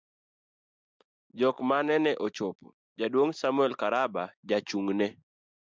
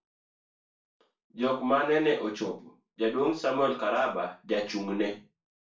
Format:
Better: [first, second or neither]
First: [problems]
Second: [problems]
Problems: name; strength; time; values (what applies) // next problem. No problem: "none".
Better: first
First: none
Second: room echo; dies away in 0.3 s